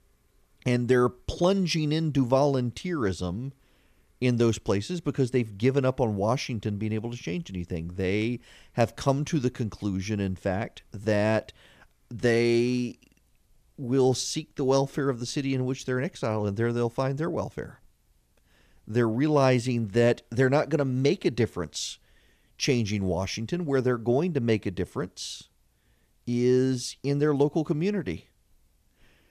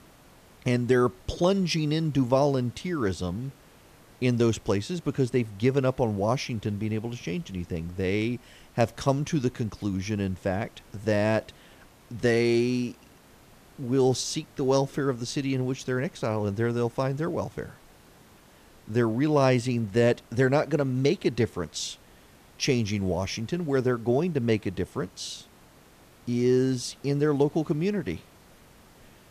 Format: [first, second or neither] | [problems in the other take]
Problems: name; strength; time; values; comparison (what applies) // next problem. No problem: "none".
first | hiss; faint; throughout; 25 dB below the speech